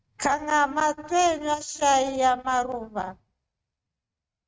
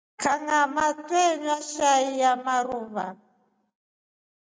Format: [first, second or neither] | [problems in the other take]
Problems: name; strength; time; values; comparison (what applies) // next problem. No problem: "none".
second | noise reduction (neural mask model RNNoise)